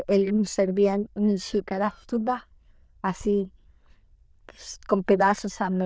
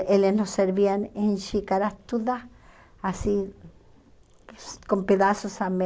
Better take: second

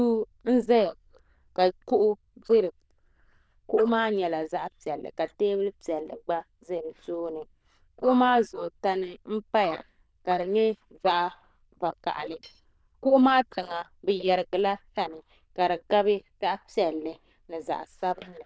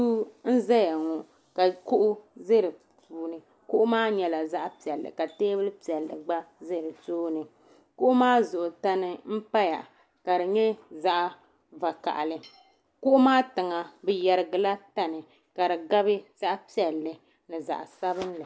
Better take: second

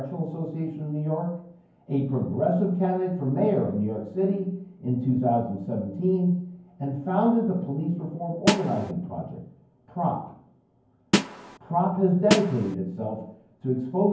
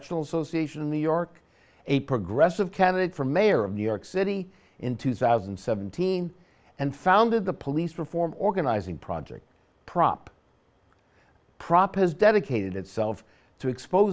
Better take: second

